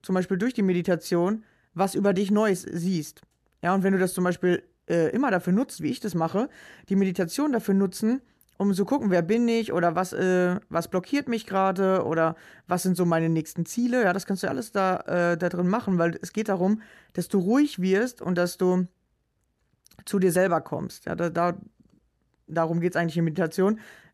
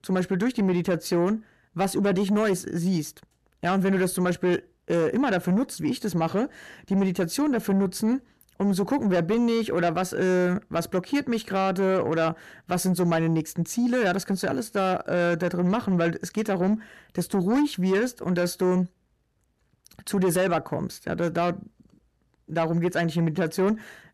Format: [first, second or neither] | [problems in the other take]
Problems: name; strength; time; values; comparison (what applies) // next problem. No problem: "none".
first | distortion; slight; 10 dB below the speech